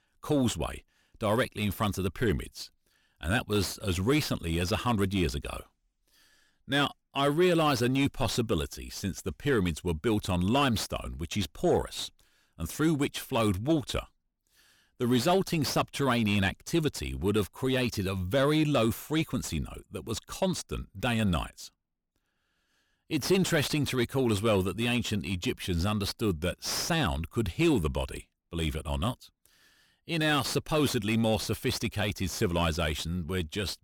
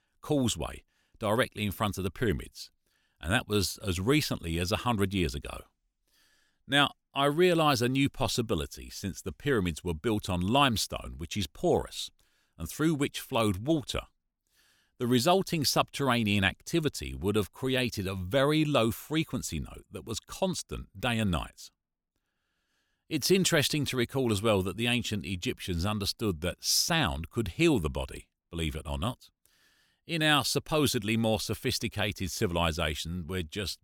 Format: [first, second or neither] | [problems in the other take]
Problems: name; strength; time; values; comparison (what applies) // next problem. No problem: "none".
second | distortion; slight; 10 dB below the speech